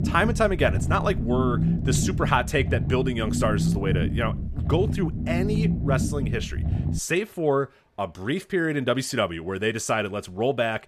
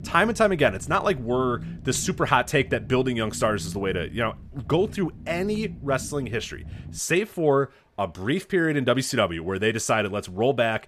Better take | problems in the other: second | low rumble; loud; until 7 s; 10 dB below the speech; faint in the second

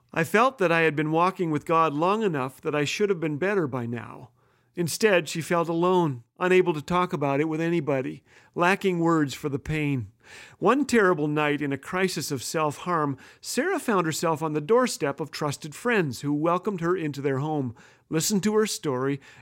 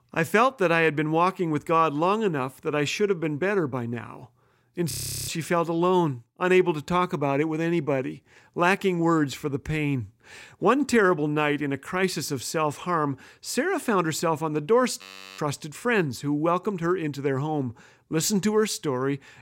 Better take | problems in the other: first | audio freezing; at 5 s and at 15 s

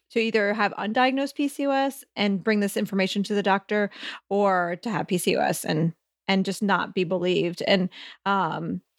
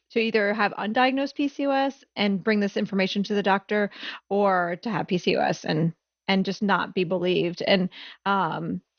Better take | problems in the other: first | garbled, watery; slightly; nothing above 6.5 kHz

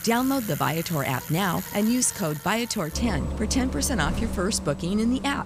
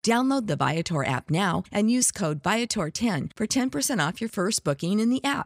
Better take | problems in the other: second | traffic noise; loud; throughout; 8 dB below the speech

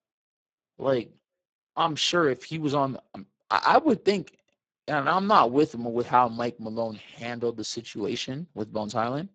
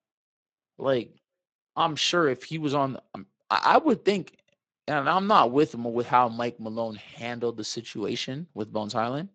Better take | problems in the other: second | garbled, watery; badly; nothing above 7.5 kHz; slightly in the second

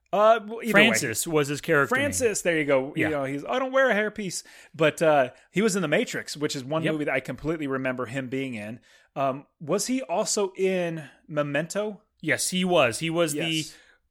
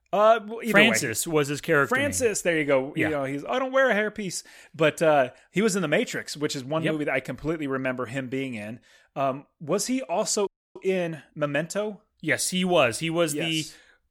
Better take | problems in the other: first | audio freezing; at 10 s

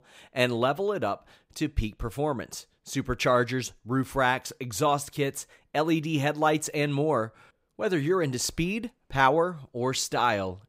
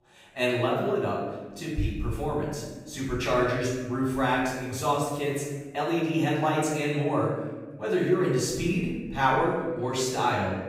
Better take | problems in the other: first | off-mic speech; far // room echo; noticeable; dies away in 1.2 s

